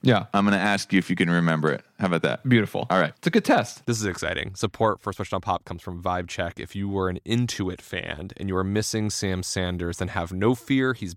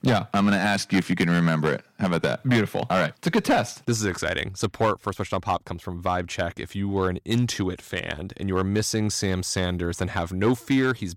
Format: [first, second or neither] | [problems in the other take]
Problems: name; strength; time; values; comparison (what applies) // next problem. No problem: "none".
first | distortion; slight; 4% of the sound clipped